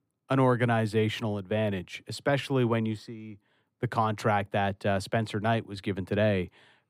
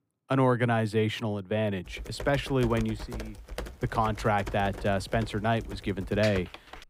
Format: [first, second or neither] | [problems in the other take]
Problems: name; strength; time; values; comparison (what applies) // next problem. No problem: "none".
first | keyboard typing; noticeable; from 2 s on; peak 8 dB below the speech